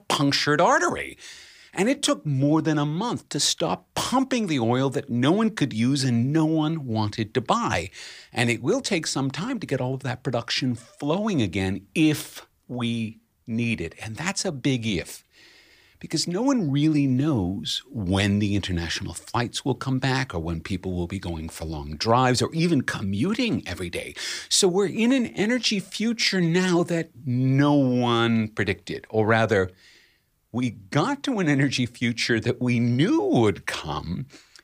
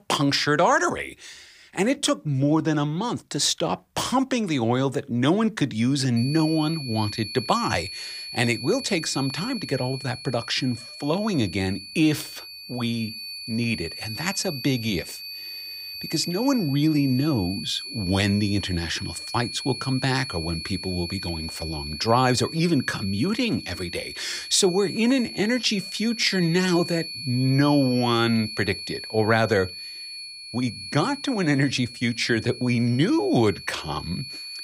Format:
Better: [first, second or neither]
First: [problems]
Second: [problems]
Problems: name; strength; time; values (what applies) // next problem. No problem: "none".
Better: first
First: none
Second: high-pitched whine; loud; from 6 s on; 4.5 kHz, 10 dB below the speech